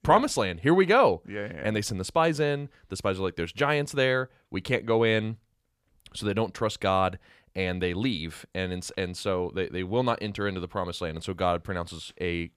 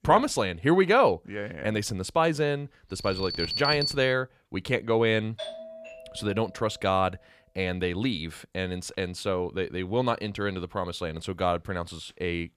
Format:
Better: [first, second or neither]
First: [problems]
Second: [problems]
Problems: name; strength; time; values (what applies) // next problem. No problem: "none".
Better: first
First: none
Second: alarm; loud; at 3 s; peak 1 dB above the speech // doorbell; faint; from 5.5 to 6.5 s; peak 10 dB below the speech